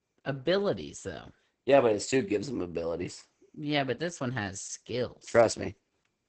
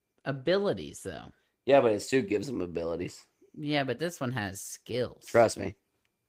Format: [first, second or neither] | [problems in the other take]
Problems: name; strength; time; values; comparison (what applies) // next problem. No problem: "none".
second | garbled, watery; badly; nothing above 8 kHz; slightly in the second